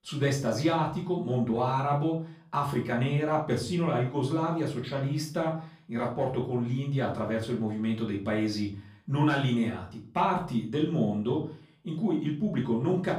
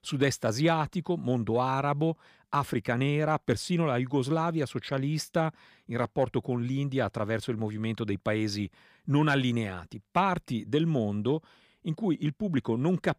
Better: second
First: room echo; slight; dies away in 0.4 s // off-mic speech; far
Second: none

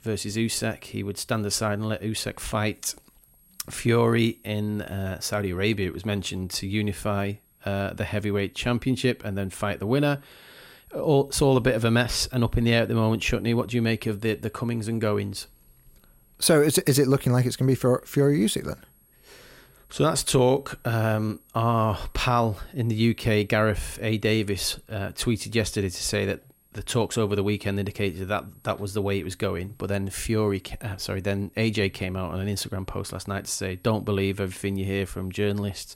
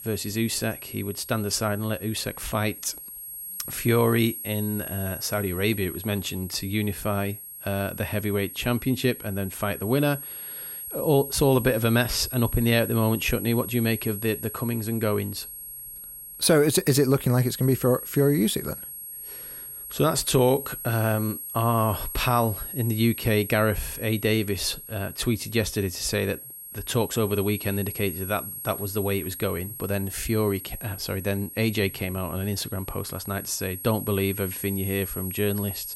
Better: first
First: high-pitched whine; faint; throughout; 11.5 kHz, 35 dB below the speech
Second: high-pitched whine; loud; throughout; 11.5 kHz, 9 dB below the speech

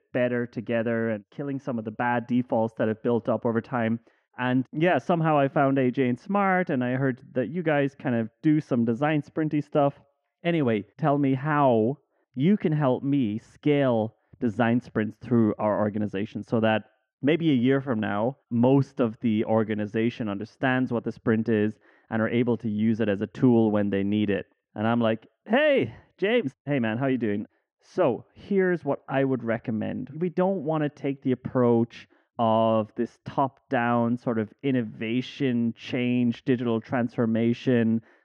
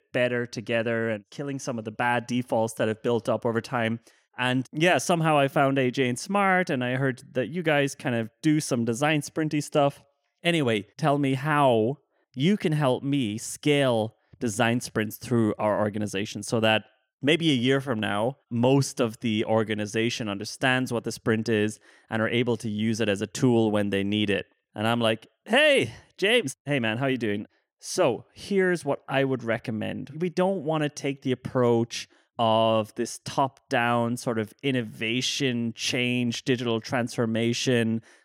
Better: second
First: muffled; very; fading above 2 kHz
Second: none

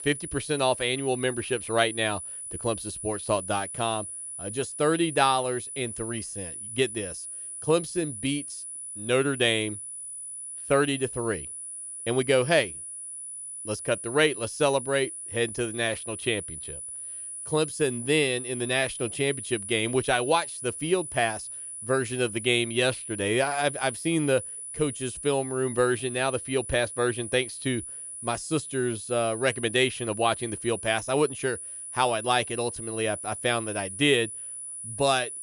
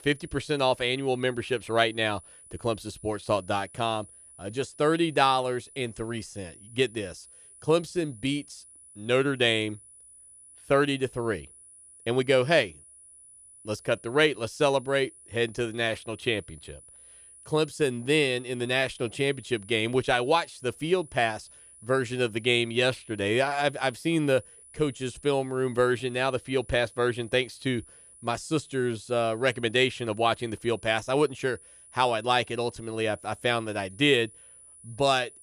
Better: second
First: high-pitched whine; loud; throughout; 10 kHz, 8 dB below the speech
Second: high-pitched whine; faint; throughout; 10 kHz, 20 dB below the speech

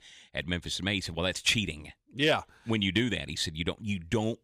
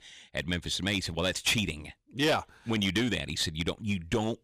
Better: first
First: none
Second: distortion; slight; 5% of the sound clipped

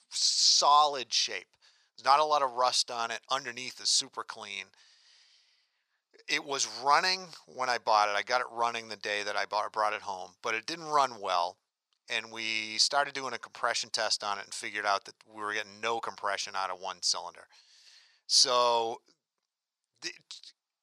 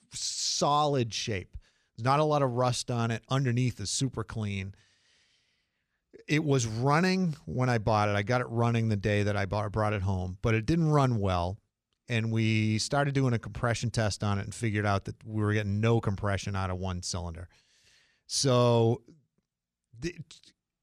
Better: second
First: thin; very; fading below 800 Hz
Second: none

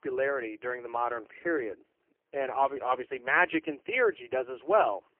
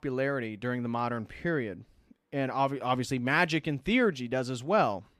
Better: second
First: phone-call audio; poor line; nothing above 3 kHz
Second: none

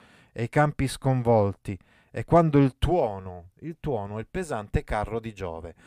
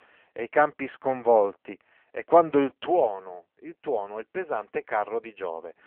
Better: first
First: none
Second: phone-call audio; poor line

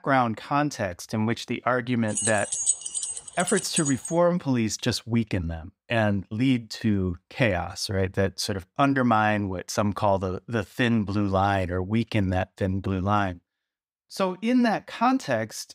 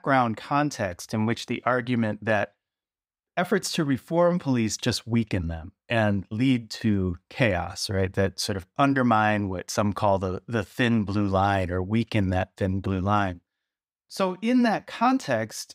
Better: second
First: jangling keys; loud; from 2 to 4 s; peak 2 dB above the speech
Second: none

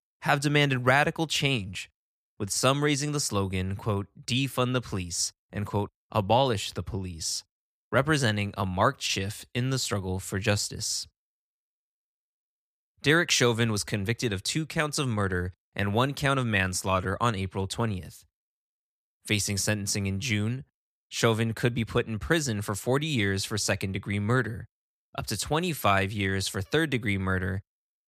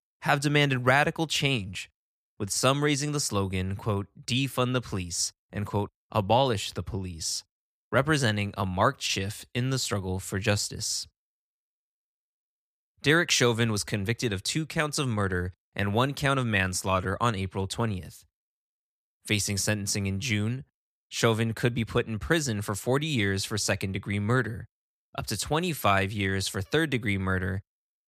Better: neither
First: none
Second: none

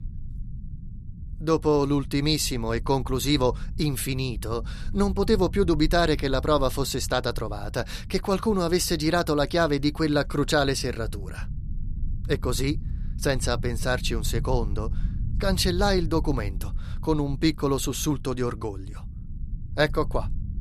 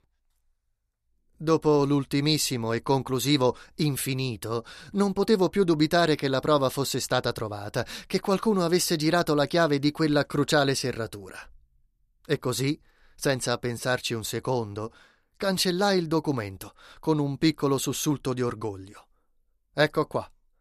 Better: second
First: low rumble; faint; throughout; 25 dB below the speech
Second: none

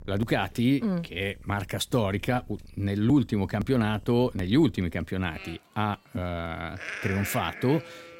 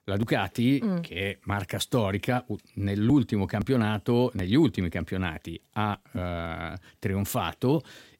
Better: second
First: animal sounds; noticeable; throughout; 15 dB below the speech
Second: none

